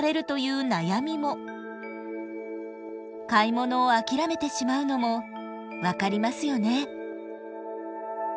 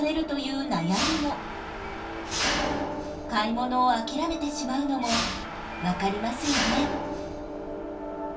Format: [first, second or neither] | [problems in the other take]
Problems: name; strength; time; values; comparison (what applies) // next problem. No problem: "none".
first | background sound (Mechanisms); 2 dB below the speech // room echo; dies away in 0.2 s